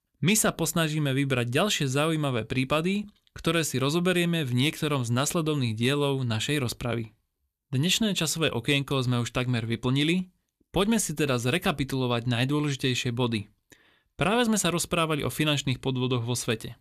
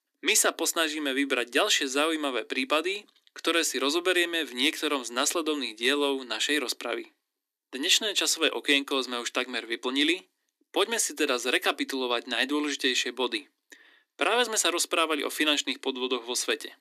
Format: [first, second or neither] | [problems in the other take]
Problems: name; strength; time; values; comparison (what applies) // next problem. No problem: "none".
first | thin; somewhat; fading below 250 Hz